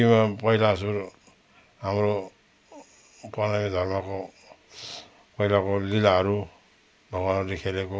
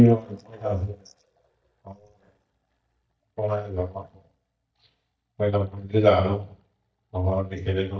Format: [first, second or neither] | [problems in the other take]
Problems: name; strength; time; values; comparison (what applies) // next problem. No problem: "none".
first | noise reduction (neural mask model DeepFilterNet 3)